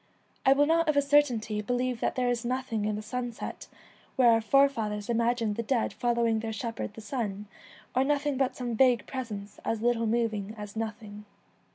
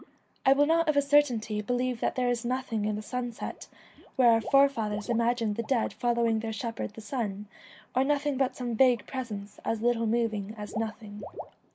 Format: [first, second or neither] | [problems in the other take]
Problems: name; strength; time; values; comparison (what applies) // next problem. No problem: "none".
first | noise reduction (neural mask model Resemble Enhance denoiser)